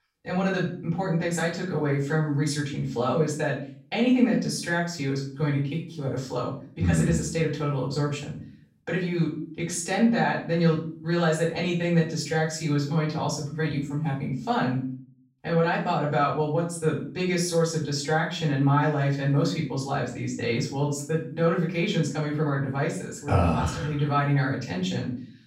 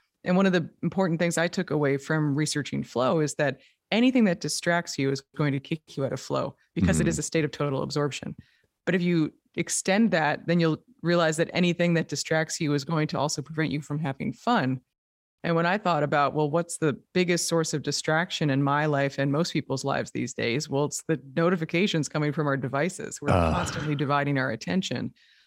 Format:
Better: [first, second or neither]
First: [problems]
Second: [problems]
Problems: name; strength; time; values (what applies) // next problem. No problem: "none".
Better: second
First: off-mic speech; far // room echo; slight; dies away in 0.4 s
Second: none